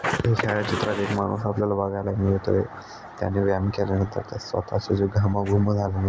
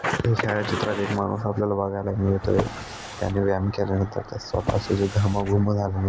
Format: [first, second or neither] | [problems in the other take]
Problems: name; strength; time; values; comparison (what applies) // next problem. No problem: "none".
first | background sound (Drawer open or close); 10 dB below the speech